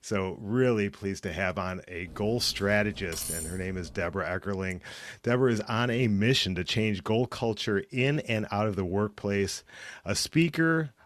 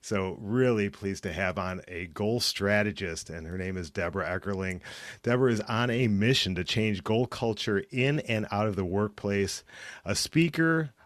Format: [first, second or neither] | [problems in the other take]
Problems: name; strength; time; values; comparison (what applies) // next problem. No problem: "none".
second | clattering dishes; noticeable; from 2 to 4 s; peak 4 dB below the speech